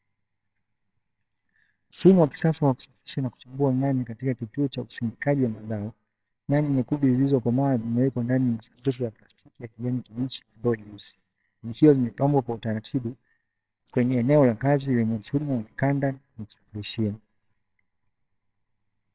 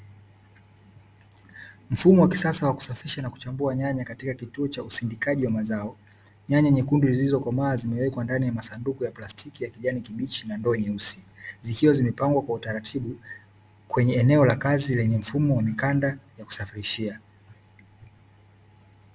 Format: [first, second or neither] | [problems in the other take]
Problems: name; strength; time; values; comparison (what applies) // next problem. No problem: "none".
second | noise reduction (neural separator model SepFormer WHAMR!)